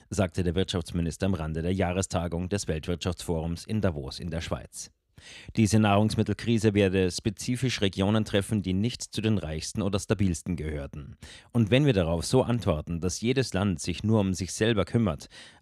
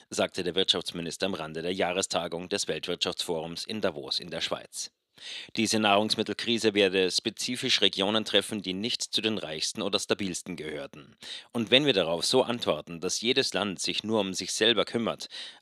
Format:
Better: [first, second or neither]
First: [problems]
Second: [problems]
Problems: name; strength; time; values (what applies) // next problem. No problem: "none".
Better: first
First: none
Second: thin; somewhat; fading below 300 Hz